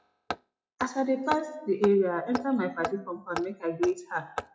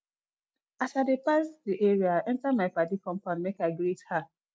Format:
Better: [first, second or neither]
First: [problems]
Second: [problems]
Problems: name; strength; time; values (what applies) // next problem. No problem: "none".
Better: second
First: noise reduction (classical method WPE with log-MMSE)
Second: none